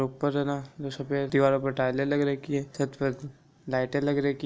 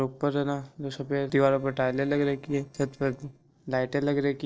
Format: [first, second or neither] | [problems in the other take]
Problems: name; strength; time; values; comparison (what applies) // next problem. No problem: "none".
first | noise reduction (neural separator model SepFormer DNS4)